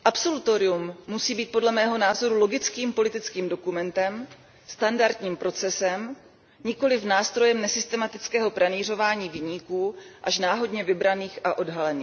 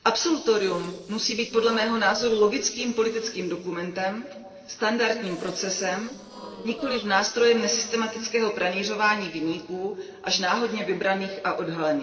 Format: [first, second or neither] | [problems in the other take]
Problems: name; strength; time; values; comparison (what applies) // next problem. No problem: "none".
first | noise reduction (neural separator model SepFormer DNS4)